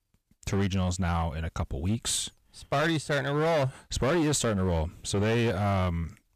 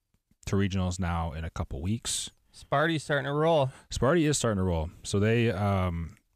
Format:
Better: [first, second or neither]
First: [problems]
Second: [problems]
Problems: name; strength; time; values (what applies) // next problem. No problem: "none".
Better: second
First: distortion; slight; 13% of the sound clipped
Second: none